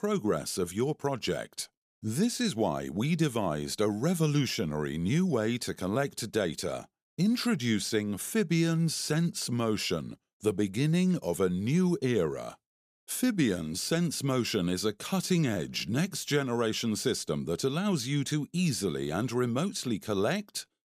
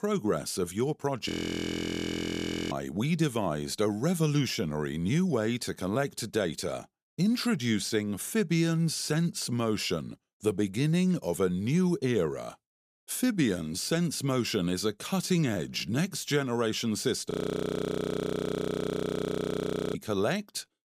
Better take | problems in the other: first | audio freezing; at 1.5 s for 1.5 s and at 17 s for 2.5 s

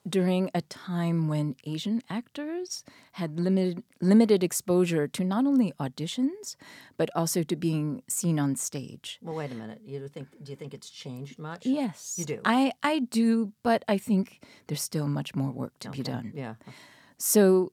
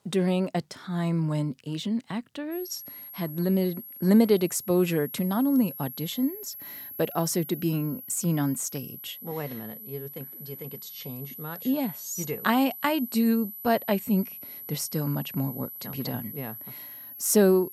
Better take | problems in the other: first | high-pitched whine; noticeable; from 2.5 s on; 12 kHz, 10 dB below the speech

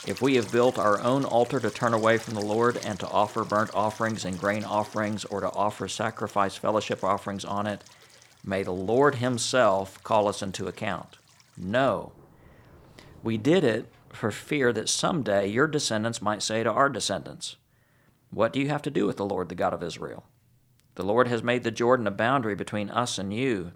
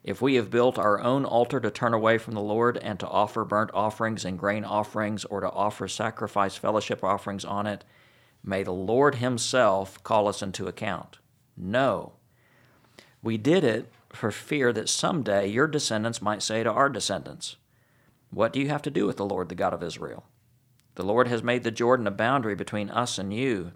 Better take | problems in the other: second | rain or running water; faint; throughout; 20 dB below the speech

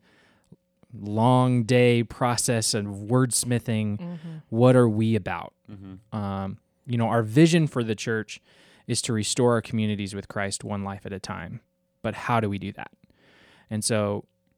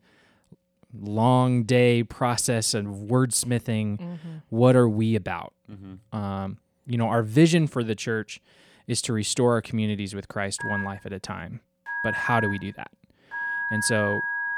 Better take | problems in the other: first | phone ringing; noticeable; from 11 s on; peak 2 dB below the speech

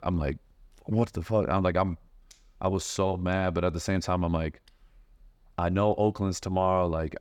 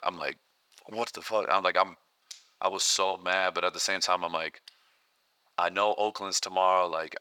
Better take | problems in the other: first | thin; very; fading below 850 Hz

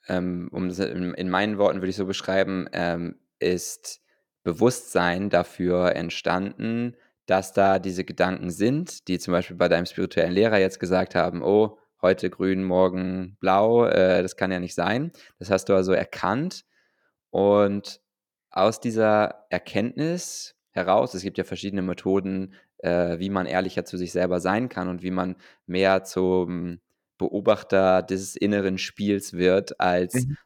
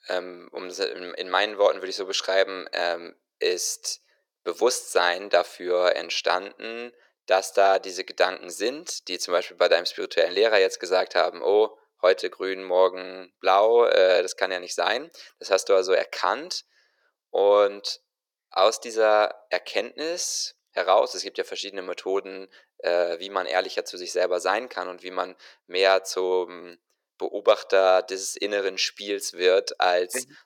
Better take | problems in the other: first | thin; very; fading below 450 Hz

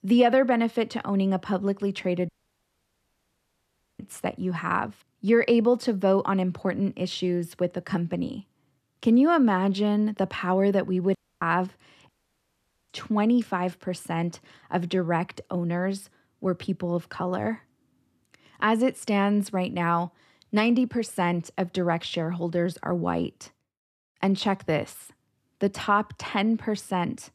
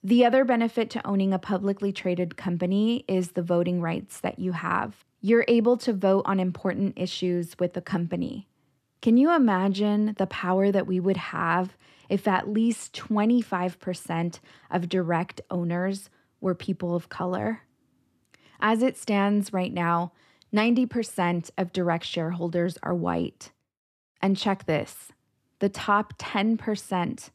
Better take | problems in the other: second | audio cutting out; at 2.5 s for 1.5 s, at 11 s and at 12 s for 1 s

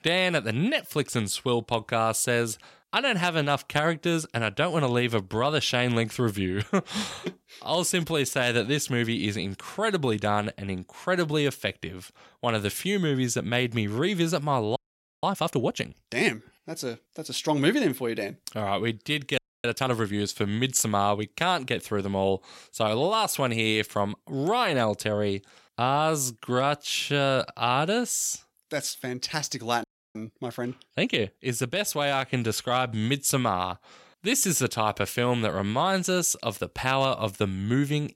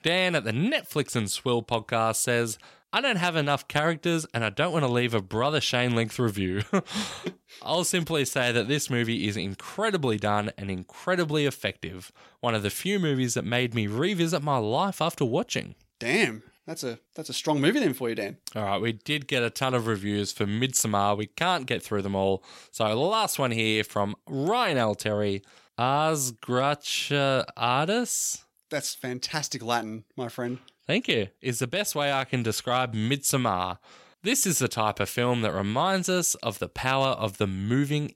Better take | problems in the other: second | audio freezing; at 15 s, at 19 s and at 30 s

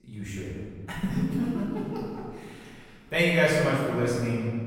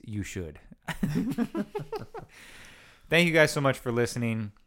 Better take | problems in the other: second | room echo; strong; dies away in 1.7 s // off-mic speech; far

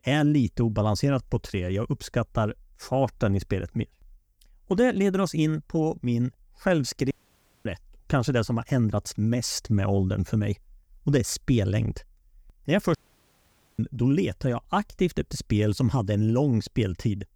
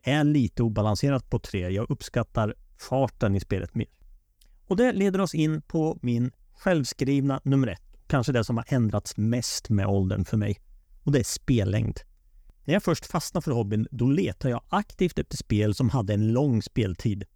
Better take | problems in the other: second | audio cutting out; at 7 s for 0.5 s and at 13 s for 1 s

